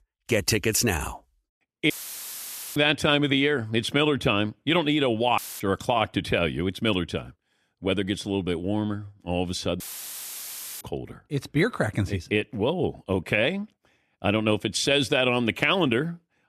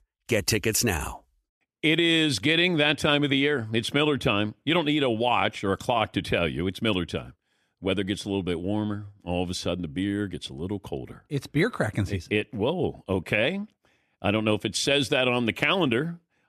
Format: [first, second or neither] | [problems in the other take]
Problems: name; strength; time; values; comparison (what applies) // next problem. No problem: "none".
second | audio cutting out; filled with static; at 2 s for 1 s, at 5.5 s and at 10 s for 1 s